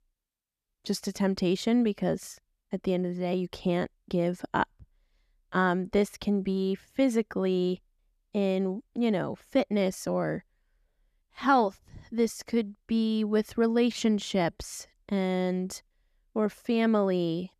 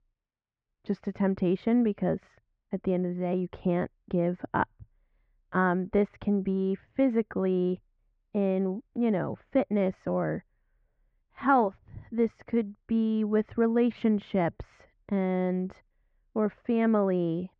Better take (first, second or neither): first